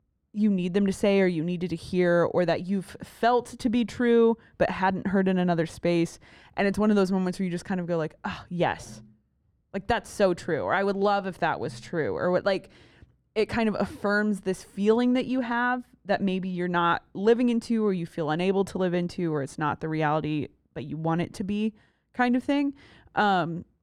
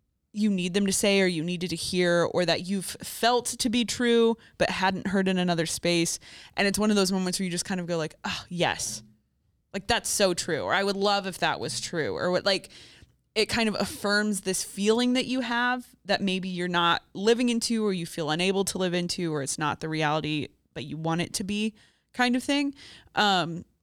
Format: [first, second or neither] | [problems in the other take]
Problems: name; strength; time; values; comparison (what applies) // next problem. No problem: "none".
second | muffled; slightly; fading above 2.5 kHz